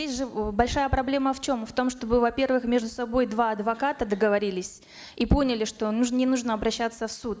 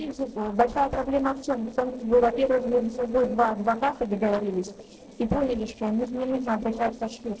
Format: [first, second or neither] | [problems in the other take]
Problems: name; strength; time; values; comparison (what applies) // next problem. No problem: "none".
first | noise reduction (neural separator model SepFormer DNS4)